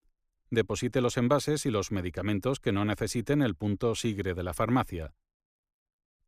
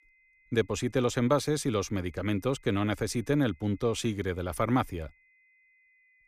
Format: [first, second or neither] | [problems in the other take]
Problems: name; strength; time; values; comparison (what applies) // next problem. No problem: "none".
first | high-pitched whine; faint; throughout; 2 kHz, 35 dB below the speech